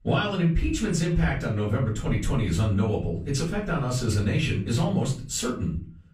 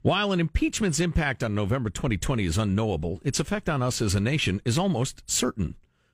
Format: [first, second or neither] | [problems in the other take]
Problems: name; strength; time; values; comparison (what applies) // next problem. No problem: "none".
second | off-mic speech; far // room echo; slight; dies away in 0.5 s